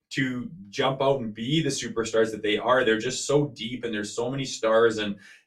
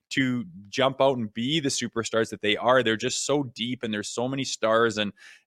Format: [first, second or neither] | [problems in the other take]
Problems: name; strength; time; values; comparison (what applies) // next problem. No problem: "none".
second | off-mic speech; far // room echo; very slight; dies away in 0.2 s